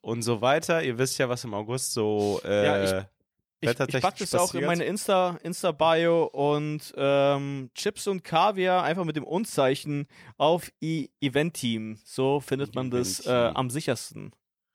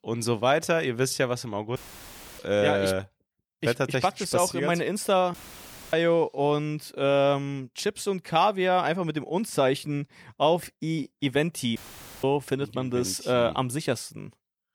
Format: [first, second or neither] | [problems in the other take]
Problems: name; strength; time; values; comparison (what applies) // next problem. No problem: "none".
first | audio cutting out; filled with static; at 2 s for 0.5 s, at 5.5 s for 0.5 s and at 12 s